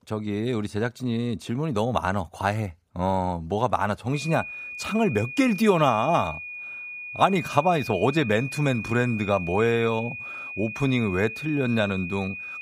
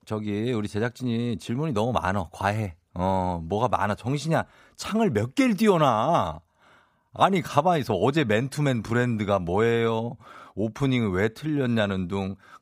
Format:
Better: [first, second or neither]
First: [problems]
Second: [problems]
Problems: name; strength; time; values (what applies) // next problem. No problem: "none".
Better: second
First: high-pitched whine; loud; from 4 s on; 2.5 kHz, 9 dB below the speech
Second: none